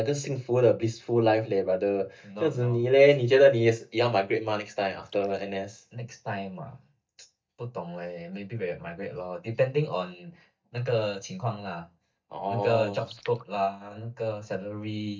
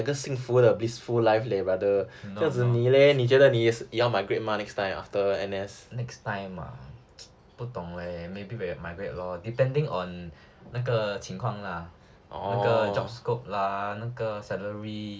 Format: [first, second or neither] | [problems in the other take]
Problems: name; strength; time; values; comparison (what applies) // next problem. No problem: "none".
second | noise reduction (neural mask model DeepFilterNet 3)